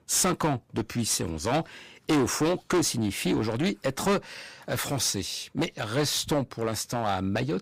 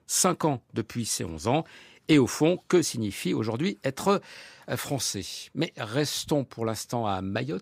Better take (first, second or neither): second